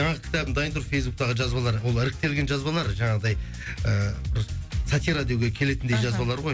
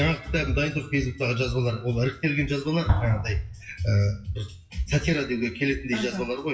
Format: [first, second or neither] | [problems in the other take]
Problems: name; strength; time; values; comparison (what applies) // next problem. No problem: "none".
first | noise reduction (classical method WPE with log-MMSE)